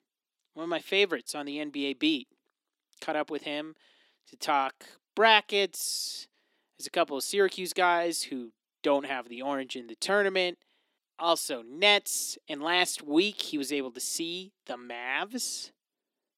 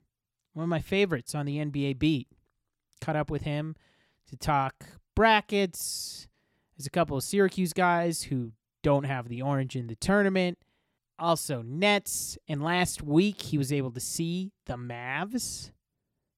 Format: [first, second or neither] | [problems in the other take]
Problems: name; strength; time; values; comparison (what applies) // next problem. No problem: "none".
second | thin; somewhat; fading below 250 Hz